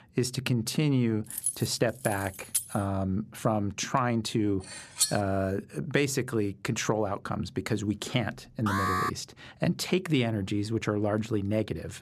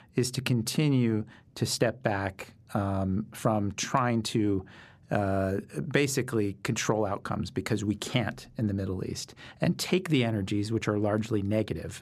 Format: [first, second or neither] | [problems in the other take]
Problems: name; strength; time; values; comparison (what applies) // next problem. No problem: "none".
second | jangling keys; noticeable; from 1.5 to 3 s; peak 1 dB below the speech // clattering dishes; loud; at 5 s; peak 2 dB above the speech // alarm; loud; at 8.5 s; peak 1 dB above the speech